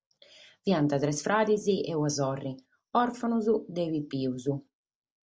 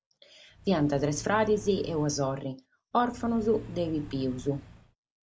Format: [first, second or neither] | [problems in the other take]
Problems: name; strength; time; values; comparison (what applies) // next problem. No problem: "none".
first | background sound (Accelerating, revving, vroom / Car); 15 dB below the speech